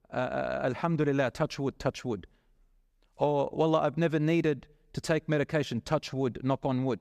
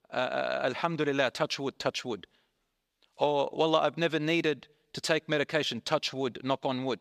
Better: first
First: none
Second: thin; very slightly; fading below 450 Hz

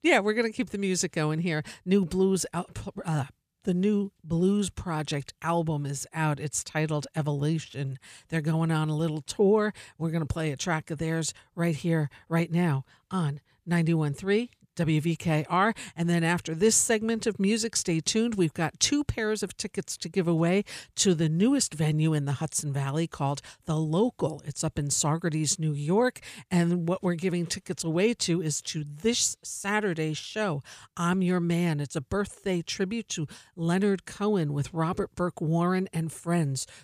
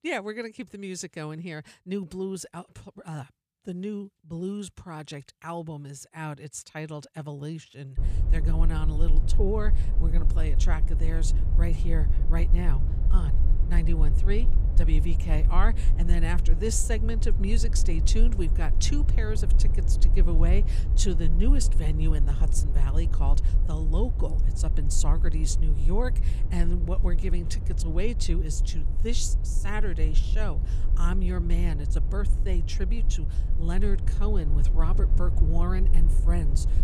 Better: first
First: none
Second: low rumble; loud; from 8 s on; 9 dB below the speech

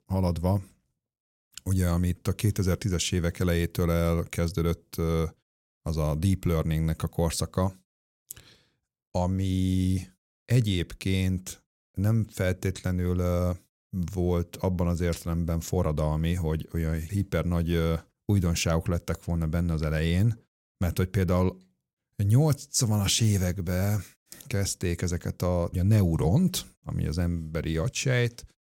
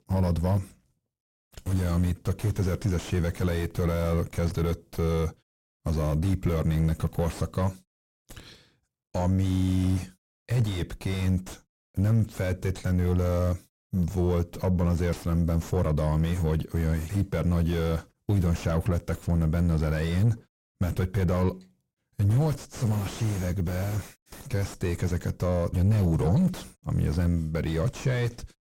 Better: first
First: none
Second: distortion; heavy; 7 dB below the speech

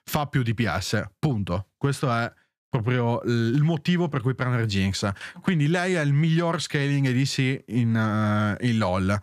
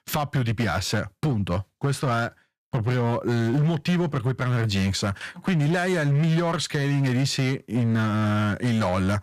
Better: first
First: none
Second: distortion; slight; 14% of the sound clipped

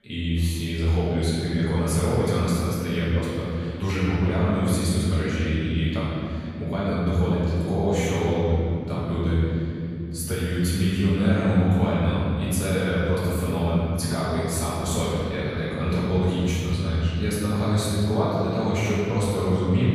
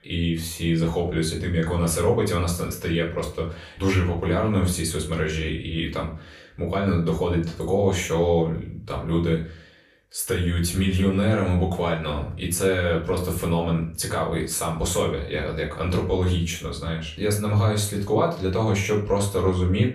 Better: second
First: room echo; strong; dies away in 3 s // off-mic speech; far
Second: room echo; slight; dies away in 0.3 s // off-mic speech; far

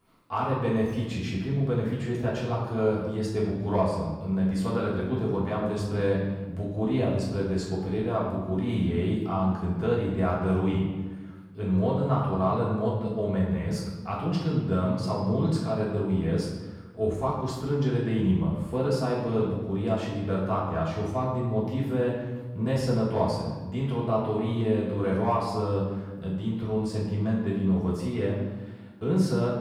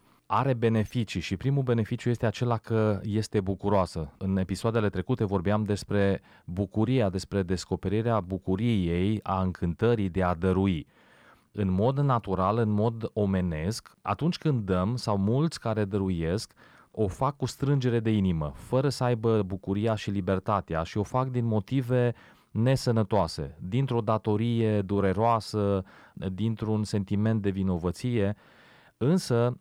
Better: second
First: off-mic speech; far // room echo; noticeable; dies away in 1 s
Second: none

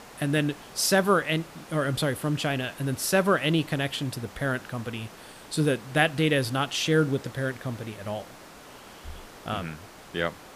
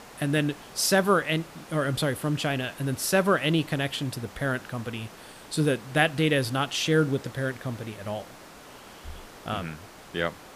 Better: neither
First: hiss; noticeable; throughout; 20 dB below the speech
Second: hiss; noticeable; throughout; 20 dB below the speech

